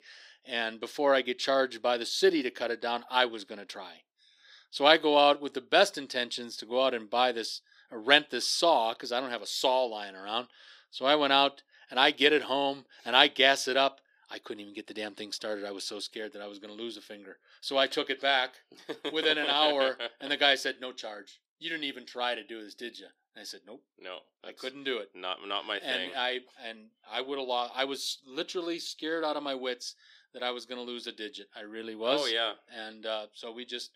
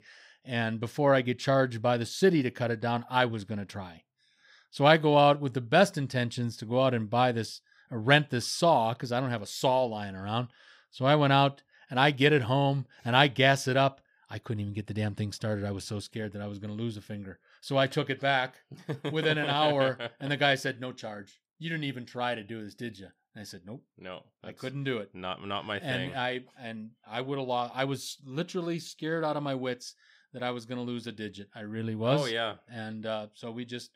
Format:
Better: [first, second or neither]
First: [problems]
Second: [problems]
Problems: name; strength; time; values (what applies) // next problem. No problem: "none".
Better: second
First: thin; somewhat; fading below 300 Hz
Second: none